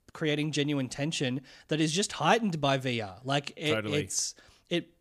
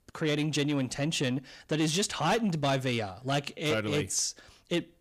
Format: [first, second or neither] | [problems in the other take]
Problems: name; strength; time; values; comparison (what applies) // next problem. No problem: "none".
first | distortion; slight; 10 dB below the speech